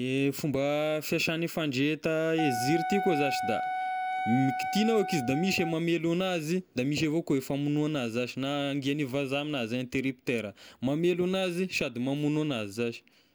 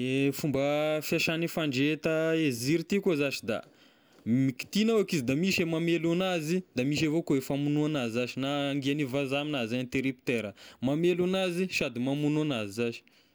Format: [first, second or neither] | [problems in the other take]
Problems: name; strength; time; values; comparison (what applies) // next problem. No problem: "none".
second | background sound (Wind instrument, woodwind instrument); 4 dB below the speech